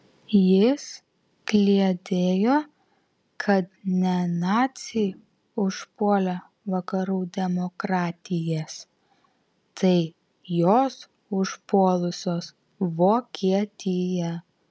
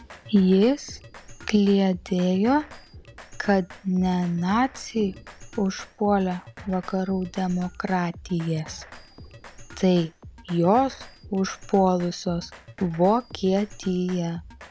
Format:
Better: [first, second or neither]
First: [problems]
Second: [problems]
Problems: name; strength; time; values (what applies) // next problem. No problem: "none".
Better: first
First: none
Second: background sound (Drum kit); 19 dB below the speech